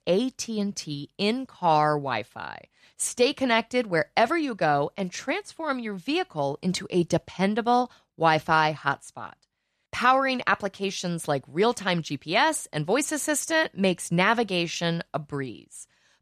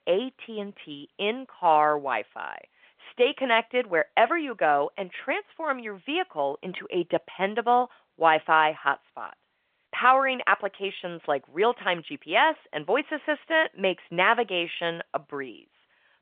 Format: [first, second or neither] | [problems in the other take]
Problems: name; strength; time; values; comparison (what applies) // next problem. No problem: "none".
first | phone-call audio; nothing above 3.5 kHz